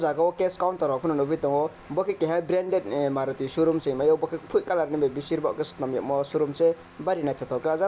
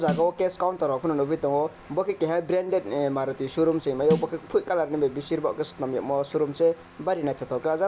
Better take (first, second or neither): first